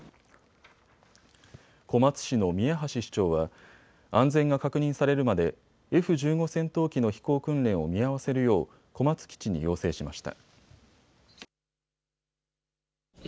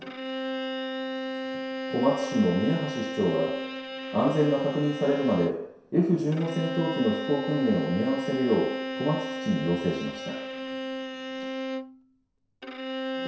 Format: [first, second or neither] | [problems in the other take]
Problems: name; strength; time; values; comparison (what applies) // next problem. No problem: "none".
first | background sound (Bowed string instrument); 5 dB below the speech // room echo; dies away in 0.7 s